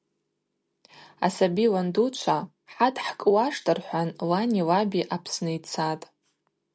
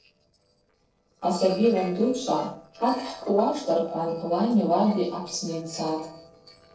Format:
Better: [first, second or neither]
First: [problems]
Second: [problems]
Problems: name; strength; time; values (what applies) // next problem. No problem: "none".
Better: first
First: none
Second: noise reduction (neural separator model SepFormer DNS4)